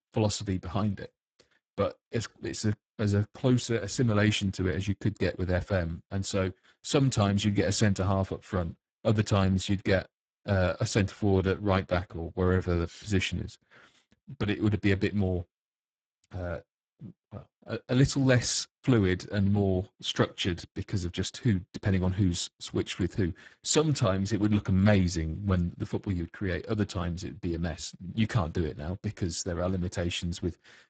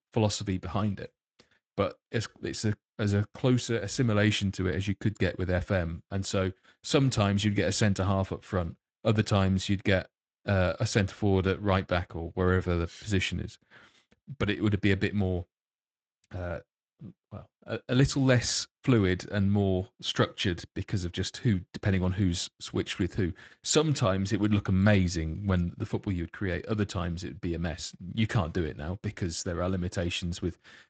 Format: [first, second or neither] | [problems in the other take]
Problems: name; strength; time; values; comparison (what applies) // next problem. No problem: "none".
second | garbled, watery; badly; nothing above 7.5 kHz; slightly in the second